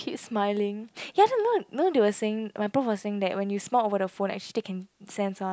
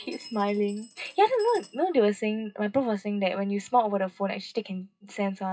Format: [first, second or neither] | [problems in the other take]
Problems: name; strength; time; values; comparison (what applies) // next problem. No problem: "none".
first | noise reduction (classical method WPE with log-MMSE)